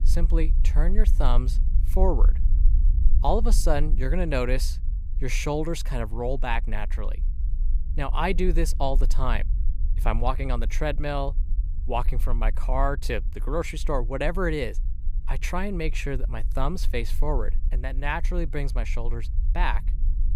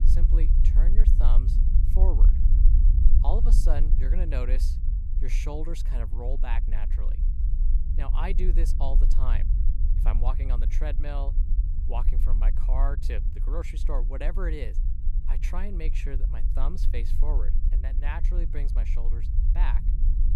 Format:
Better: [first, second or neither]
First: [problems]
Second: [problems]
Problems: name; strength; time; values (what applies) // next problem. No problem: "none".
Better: first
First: low rumble; faint; throughout; 20 dB below the speech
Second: low rumble; loud; throughout; 8 dB below the speech